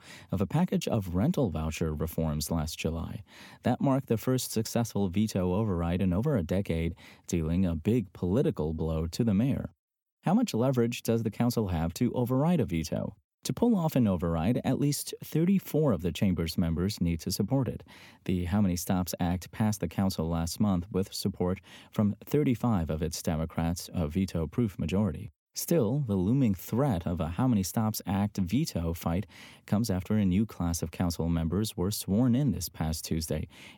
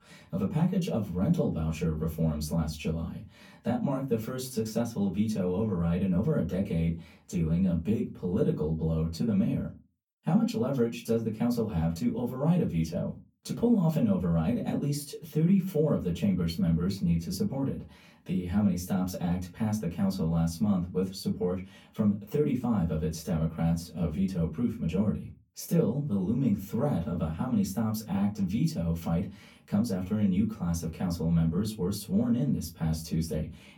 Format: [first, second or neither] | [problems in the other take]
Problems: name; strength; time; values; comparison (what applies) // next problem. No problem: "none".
first | off-mic speech; far // room echo; very slight; dies away in 0.2 s